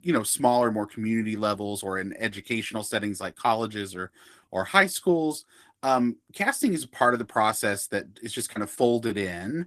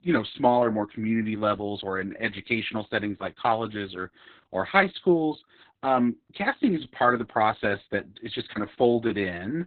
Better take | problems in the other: first | garbled, watery; badly; nothing above 4 kHz; slightly in the first

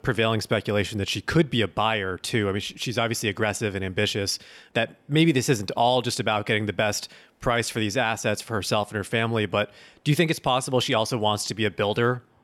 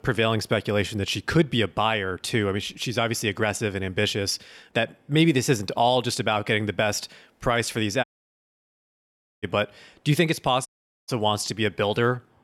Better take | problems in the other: first | audio cutting out; at 8 s for 1.5 s and at 11 s

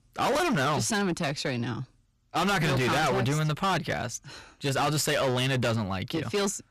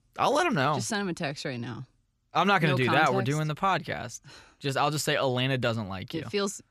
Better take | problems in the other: second | distortion; heavy; 21% of the sound clipped

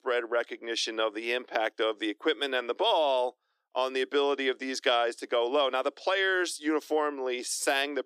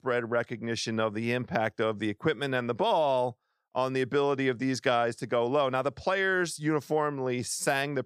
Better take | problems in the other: second | thin; somewhat; fading below 300 Hz

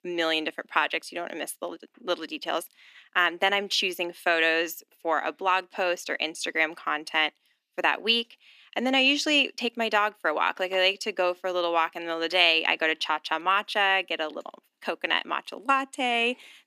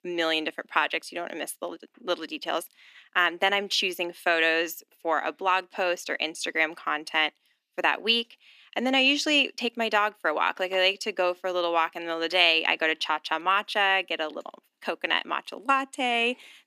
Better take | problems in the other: neither | thin; very slightly; fading below 250 Hz; the same in both

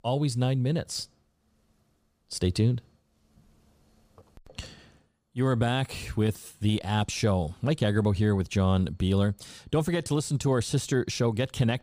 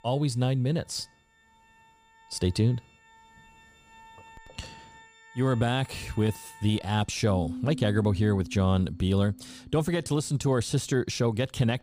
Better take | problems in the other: first | background music; noticeable; throughout; 20 dB below the speech

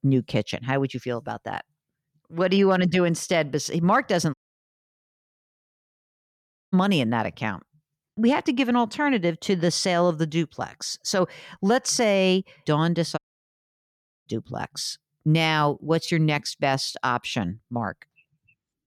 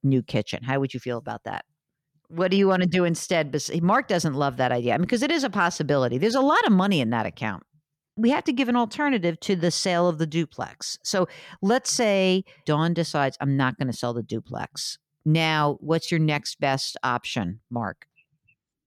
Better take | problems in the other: second | audio cutting out; at 4.5 s for 2.5 s and at 13 s for 1 s

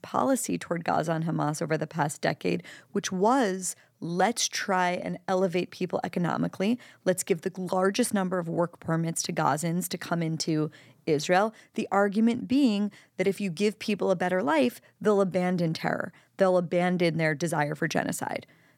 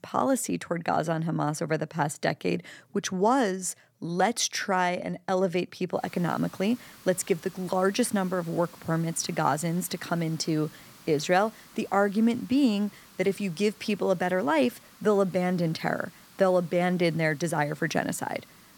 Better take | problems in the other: first | hiss; faint; from 6 s on; 25 dB below the speech

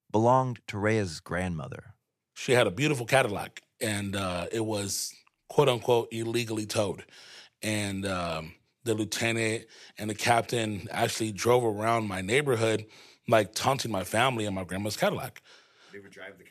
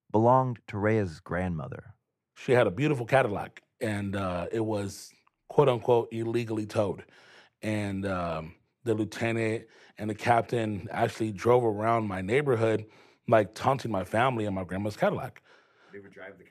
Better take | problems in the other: first | muffled; slightly; fading above 2.5 kHz

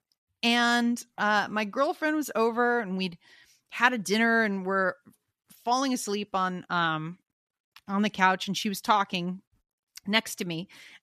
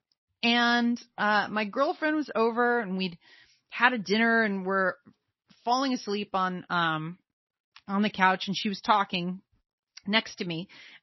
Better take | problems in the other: first | garbled, watery; slightly; nothing above 5.5 kHz

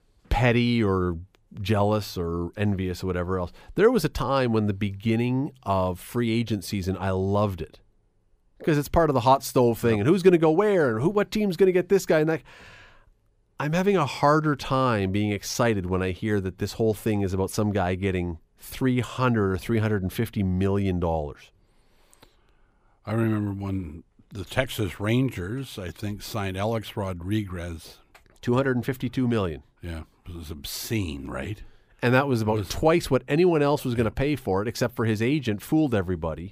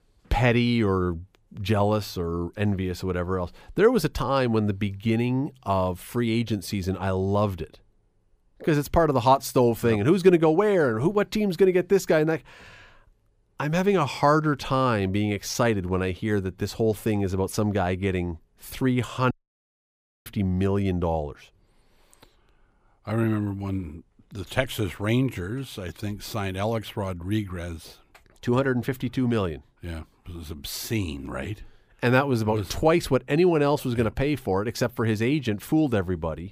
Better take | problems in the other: first | audio cutting out; at 19 s for 1 s

